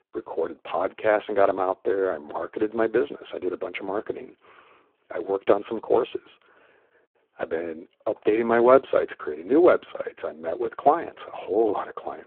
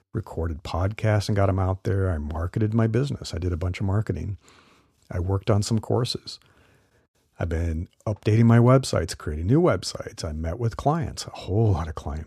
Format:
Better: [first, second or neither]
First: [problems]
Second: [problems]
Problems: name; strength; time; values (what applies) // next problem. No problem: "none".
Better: second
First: phone-call audio; poor line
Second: none